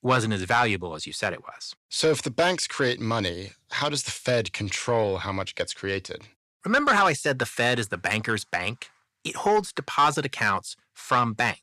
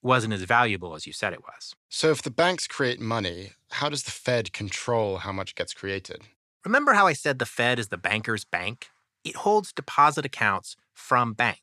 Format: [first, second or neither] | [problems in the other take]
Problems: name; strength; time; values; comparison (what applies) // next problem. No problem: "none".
second | distortion; slight; 10 dB below the speech